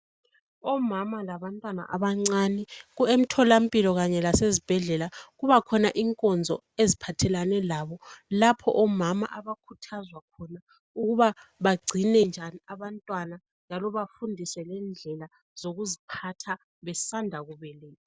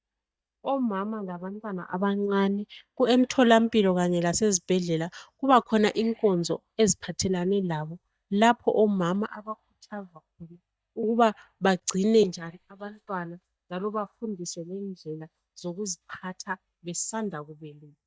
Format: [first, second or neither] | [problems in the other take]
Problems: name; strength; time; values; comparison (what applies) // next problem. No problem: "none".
first | noise reduction (neural mask model DeepFilterNet 3)